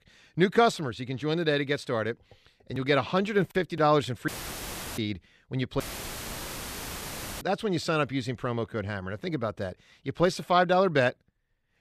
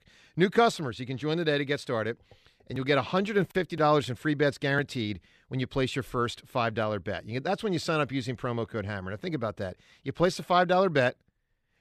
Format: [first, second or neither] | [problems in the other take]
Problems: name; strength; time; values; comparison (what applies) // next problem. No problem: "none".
second | audio cutting out; filled with static; at 4.5 s for 0.5 s and at 6 s for 1.5 s